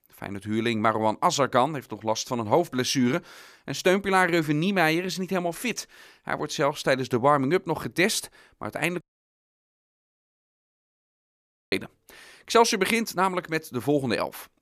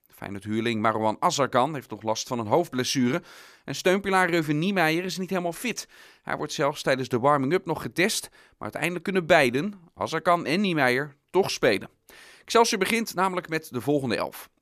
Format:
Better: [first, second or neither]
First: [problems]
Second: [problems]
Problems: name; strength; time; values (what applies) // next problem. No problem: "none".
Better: second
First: audio cutting out; at 9 s for 2.5 s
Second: none